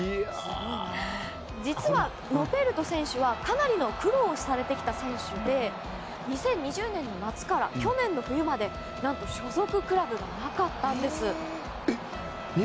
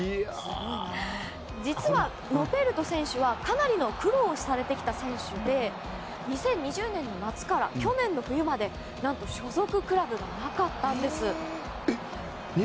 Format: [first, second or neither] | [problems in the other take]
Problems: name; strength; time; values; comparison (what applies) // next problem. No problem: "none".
second | background sound (Trumpet); 15 dB below the speech